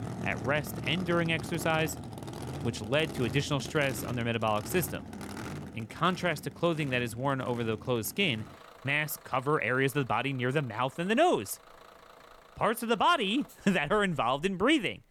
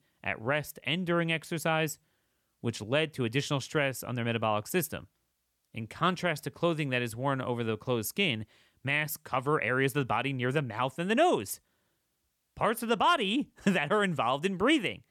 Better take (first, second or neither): second